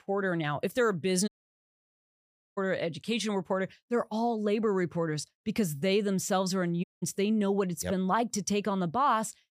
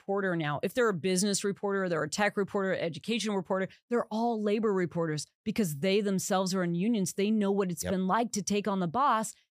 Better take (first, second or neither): second